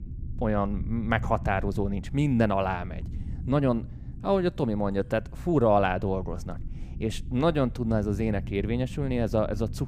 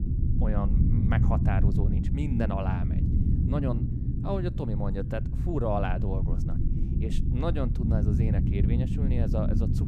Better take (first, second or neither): first